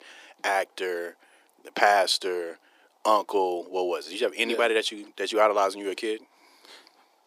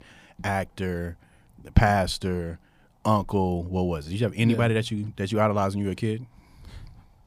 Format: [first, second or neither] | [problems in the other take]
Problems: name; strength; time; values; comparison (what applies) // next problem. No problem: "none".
second | thin; very; fading below 350 Hz